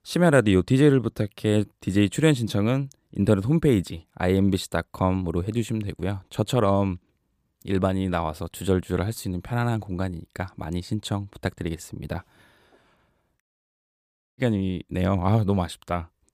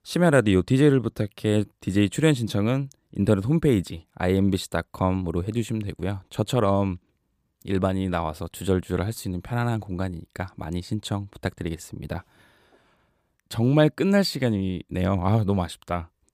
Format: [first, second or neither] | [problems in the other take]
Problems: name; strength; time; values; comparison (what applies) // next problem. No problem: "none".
second | audio cutting out; at 13 s for 1 s